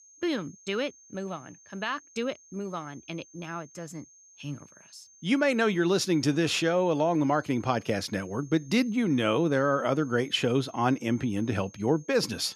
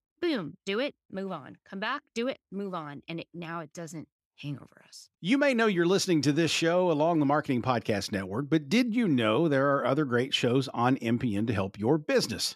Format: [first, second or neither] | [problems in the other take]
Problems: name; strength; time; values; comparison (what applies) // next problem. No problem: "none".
second | high-pitched whine; faint; throughout; 6.5 kHz, 25 dB below the speech